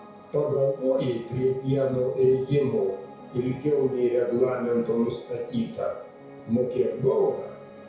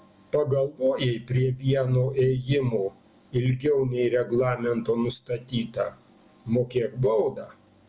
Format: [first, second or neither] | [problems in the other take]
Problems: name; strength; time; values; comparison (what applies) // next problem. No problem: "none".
second | background sound (Piano); 19 dB below the speech // room echo; dies away in 0.6 s